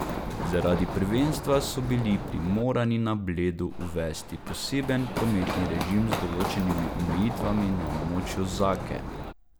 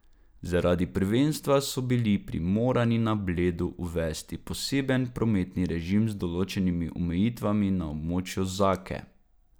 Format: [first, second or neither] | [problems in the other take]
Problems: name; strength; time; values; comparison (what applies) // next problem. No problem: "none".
second | background sound (Run); 5 dB below the speech